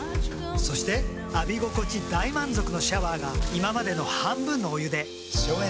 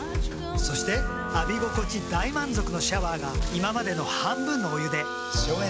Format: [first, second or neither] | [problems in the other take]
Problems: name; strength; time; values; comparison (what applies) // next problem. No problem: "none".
first | background sound (Wind instrument, woodwind instrument); 9 dB below the speech